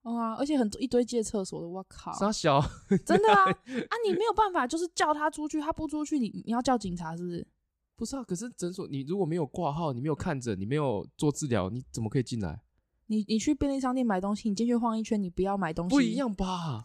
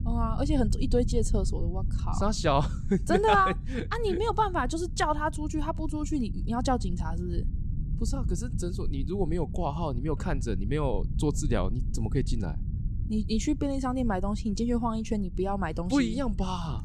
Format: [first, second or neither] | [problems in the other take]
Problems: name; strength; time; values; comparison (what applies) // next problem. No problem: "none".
first | low rumble; noticeable; throughout; 20 dB below the speech